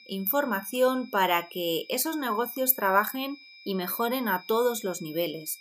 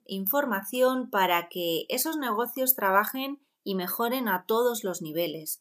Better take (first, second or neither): second